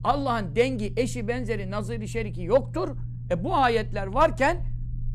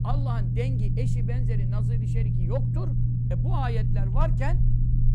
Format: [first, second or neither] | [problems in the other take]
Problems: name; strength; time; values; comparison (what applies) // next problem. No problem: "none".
first | low rumble; loud; throughout; 1 dB below the speech; faint in the first